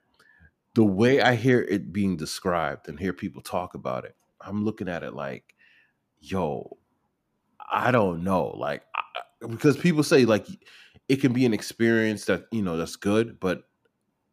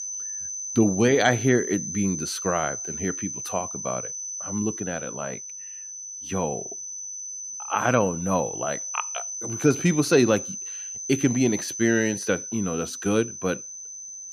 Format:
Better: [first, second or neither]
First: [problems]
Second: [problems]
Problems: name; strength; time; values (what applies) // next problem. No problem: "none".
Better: first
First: none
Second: high-pitched whine; loud; throughout; 6 kHz, 7 dB below the speech